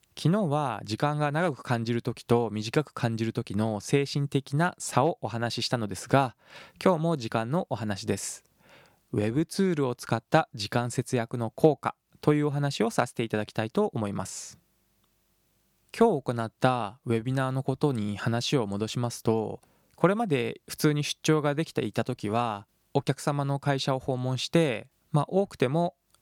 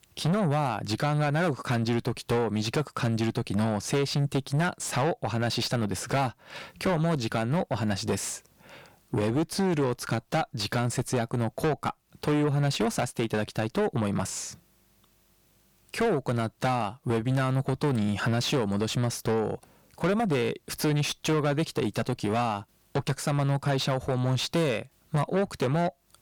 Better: first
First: none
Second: distortion; heavy; 5 dB below the speech

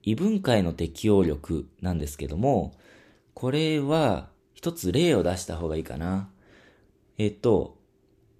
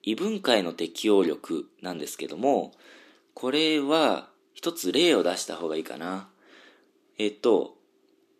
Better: first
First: none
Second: thin; very slightly; fading below 250 Hz

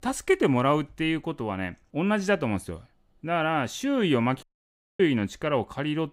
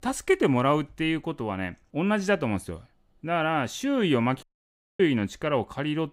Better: neither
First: audio cutting out; at 4.5 s for 0.5 s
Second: audio cutting out; at 4.5 s for 0.5 s

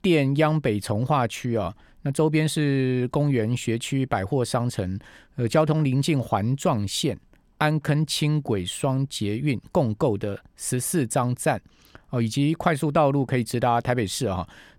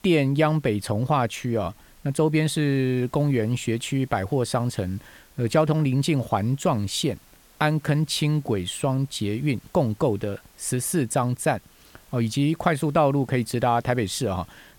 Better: first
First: none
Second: hiss; faint; throughout; 30 dB below the speech

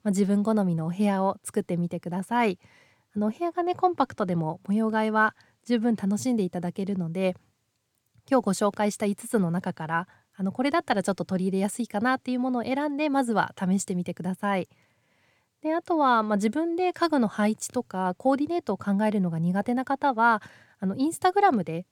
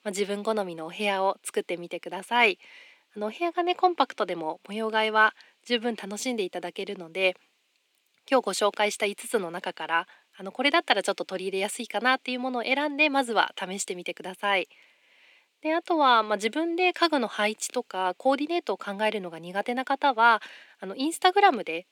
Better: first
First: none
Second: thin; somewhat; fading below 300 Hz

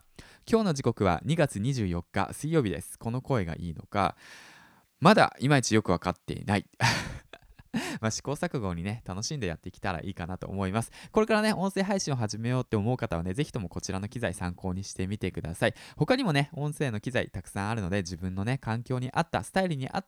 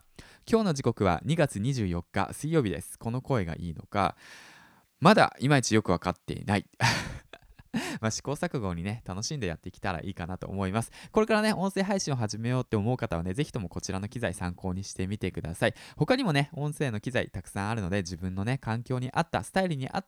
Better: neither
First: none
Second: none

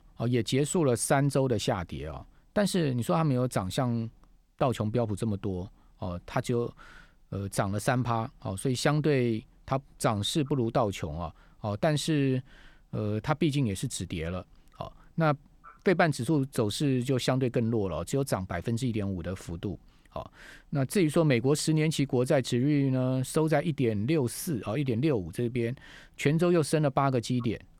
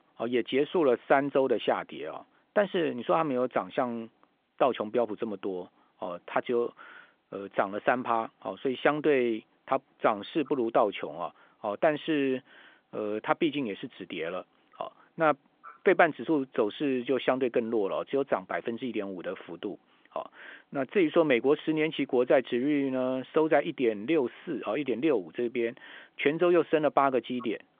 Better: first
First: none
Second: phone-call audio

